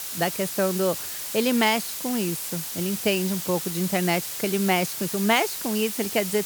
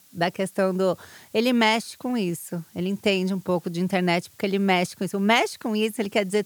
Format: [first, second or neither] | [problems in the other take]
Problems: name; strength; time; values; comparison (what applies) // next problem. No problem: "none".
second | hiss; loud; throughout; 4 dB below the speech; faint in the second